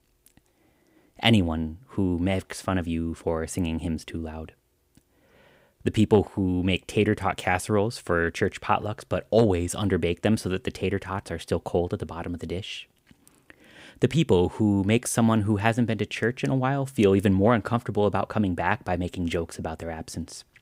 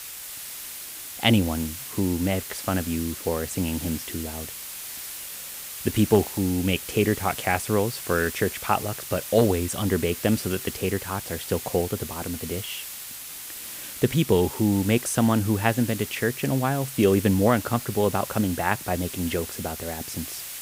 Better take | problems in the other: first | hiss; loud; throughout; 9 dB below the speech

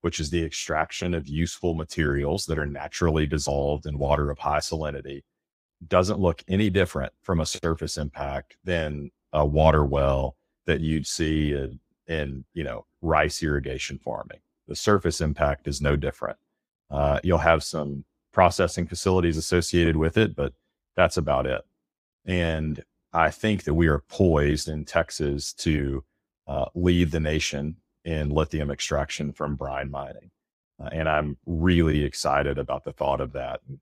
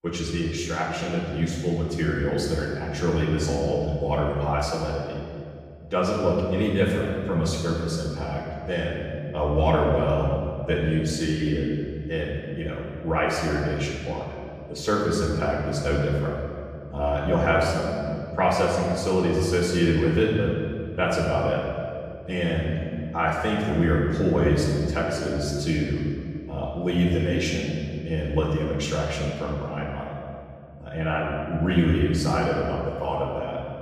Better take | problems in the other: first | off-mic speech; far // room echo; noticeable; dies away in 2.1 s

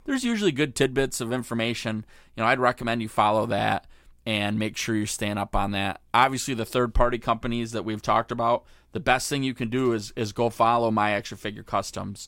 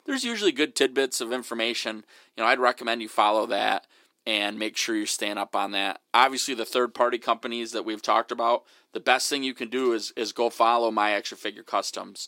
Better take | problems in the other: first | thin; very slightly; fading below 300 Hz

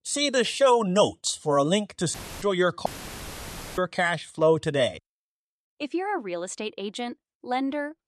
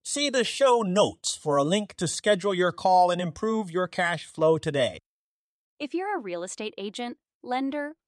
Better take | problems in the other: second | audio cutting out; filled with static; at 2 s and at 3 s for 1 s

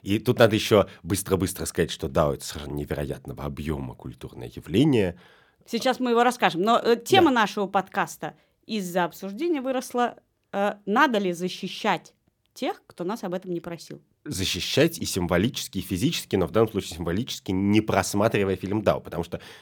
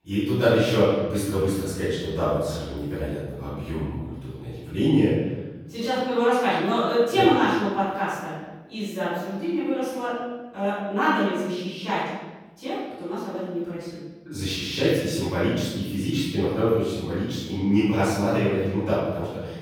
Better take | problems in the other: first | off-mic speech; far // room echo; strong; dies away in 1.2 s

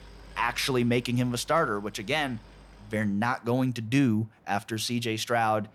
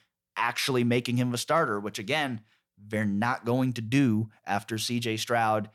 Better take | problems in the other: second | train or aircraft noise; faint; throughout; 25 dB below the speech

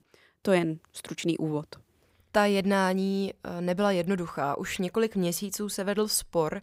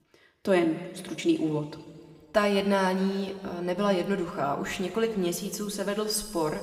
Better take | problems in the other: first | room echo; slight; dies away in 2 s

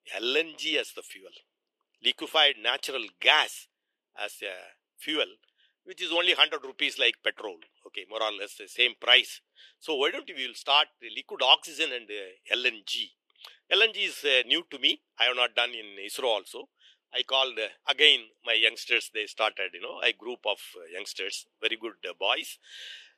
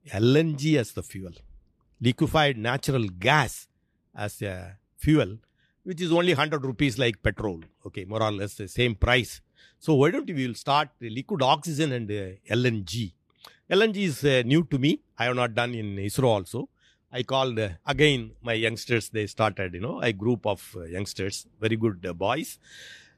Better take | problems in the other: second | thin; very; fading below 400 Hz

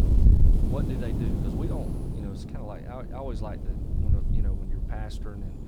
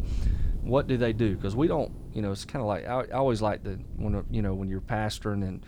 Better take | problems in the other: second | wind noise on the microphone; heavy; 1 dB above the speech; occasional gusts in the second

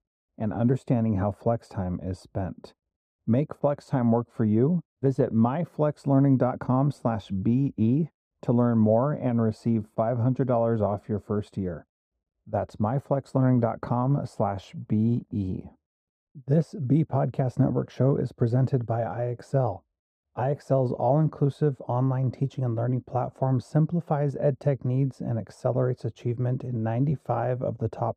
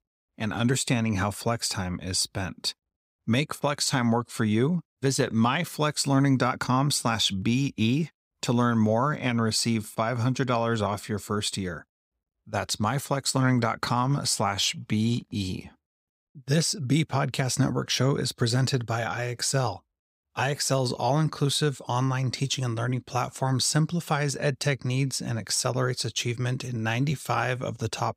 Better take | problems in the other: second | muffled; very; fading above 1.5 kHz

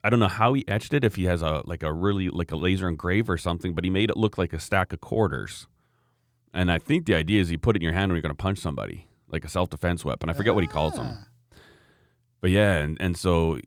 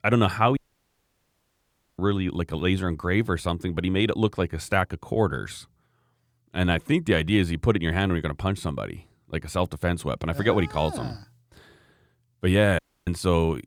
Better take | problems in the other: first | audio cutting out; at 0.5 s for 1.5 s and at 13 s

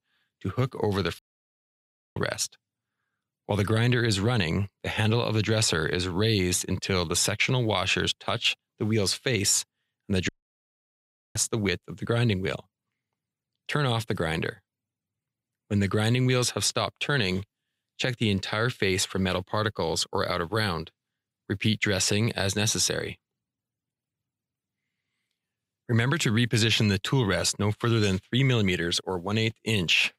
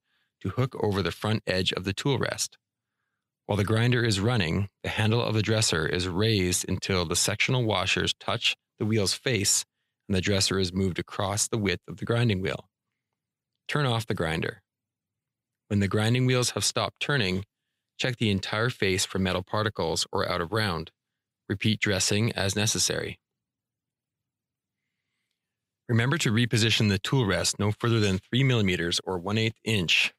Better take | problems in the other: second | audio cutting out; at 1 s for 1 s and at 10 s for 1 s

